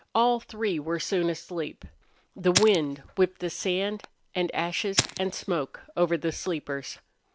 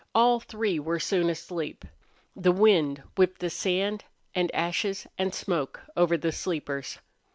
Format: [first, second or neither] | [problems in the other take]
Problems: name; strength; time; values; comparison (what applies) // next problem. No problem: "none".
second | background sound (Fire); 6 dB below the speech